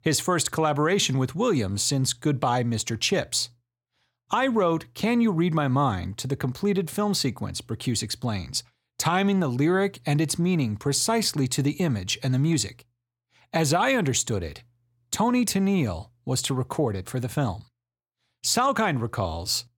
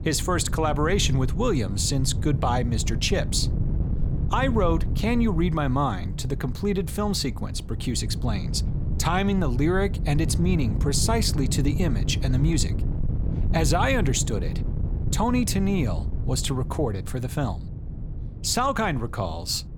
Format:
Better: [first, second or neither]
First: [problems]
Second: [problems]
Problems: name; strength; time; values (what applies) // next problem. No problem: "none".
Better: first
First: none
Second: wind noise on the microphone; occasional gusts; 15 dB below the speech